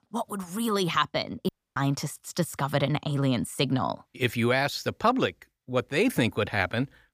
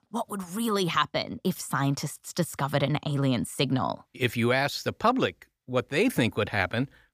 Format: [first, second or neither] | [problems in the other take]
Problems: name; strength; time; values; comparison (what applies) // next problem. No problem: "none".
second | audio cutting out; at 1.5 s